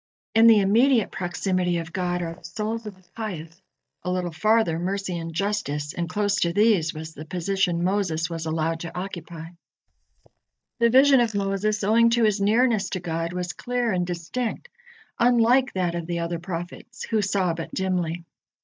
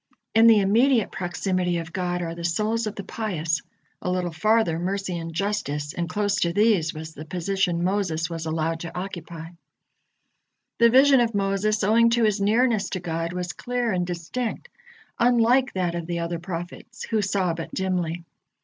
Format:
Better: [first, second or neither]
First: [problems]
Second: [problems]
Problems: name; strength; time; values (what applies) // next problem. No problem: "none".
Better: second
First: noise reduction (neural mask model DeepFilterNet 3)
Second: none